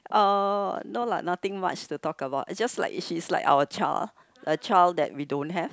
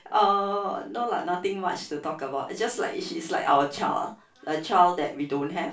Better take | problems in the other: first | room echo; dies away in 0.2 s

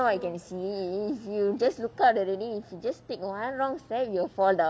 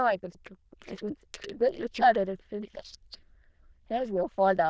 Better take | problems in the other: first | noise reduction (neural diffusion model UNIVERSE++)

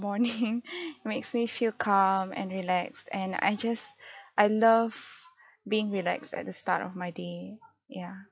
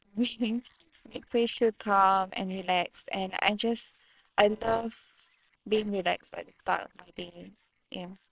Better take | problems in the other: first | noise reduction (neural separator model SepFormer WHAMR!)

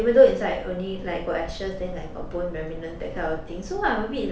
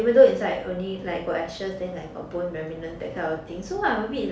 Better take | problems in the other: second | background sound (Mechanical fan); 12 dB below the speech

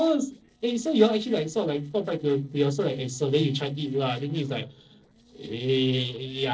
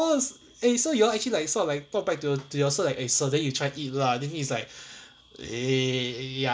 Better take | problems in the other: second | noise reduction (neural separator model SepFormer DNS4)

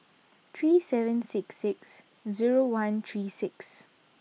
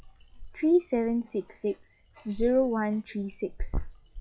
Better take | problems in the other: first | noise reduction (classical method log-MMSE)

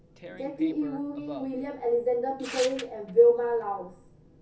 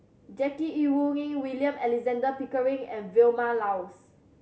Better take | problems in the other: second | background sound (Tearing); 17 dB below the speech // room echo; dies away in 0.3 s

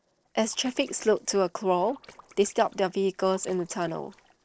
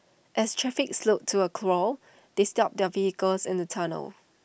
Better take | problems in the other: second | noise reduction (neural separator model SepFormer DNS4)

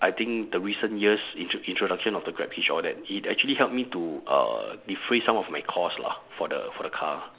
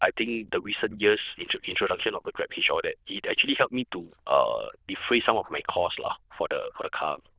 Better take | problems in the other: first | noise reduction (neural diffusion model UNIVERSE++)

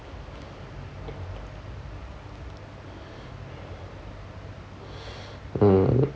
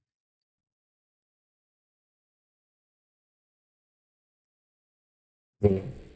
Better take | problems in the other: first | noise reduction (neural mask model DeepFilterNet 3)

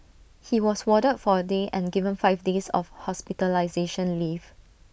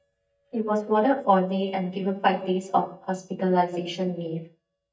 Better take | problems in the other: first | noise reduction (neural mask model DeepFilterNet 3)

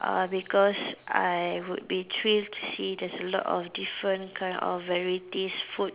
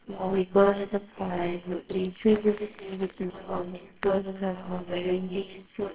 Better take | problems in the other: first | noise reduction (neural separator model SepFormer WHAMR!)

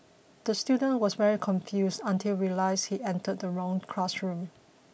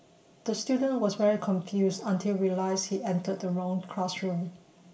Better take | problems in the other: first | room echo; dies away in 0.7 s

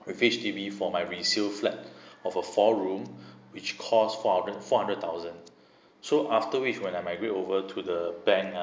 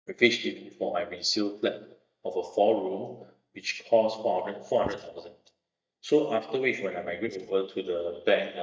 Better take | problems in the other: first | noise reduction (neural mask model DeepFilterNet 3)

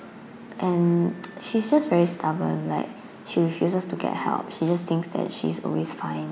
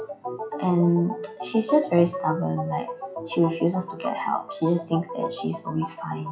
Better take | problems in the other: first | noise reduction (classical method WPE with log-MMSE)

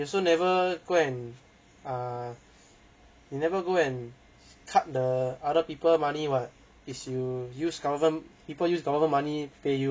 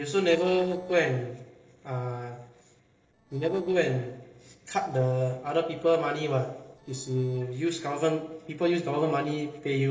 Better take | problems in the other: first | noise reduction (neural separator model SepFormer DNS4)

